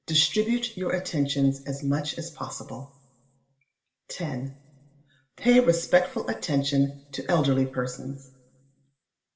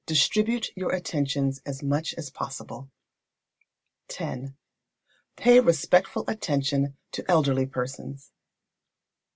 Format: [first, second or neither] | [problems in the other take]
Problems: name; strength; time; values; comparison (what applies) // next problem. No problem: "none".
second | room echo; dies away in 1.7 s